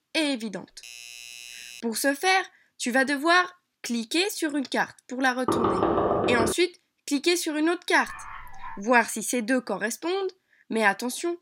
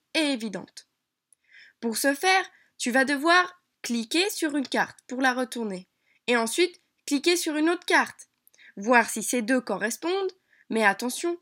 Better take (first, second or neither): second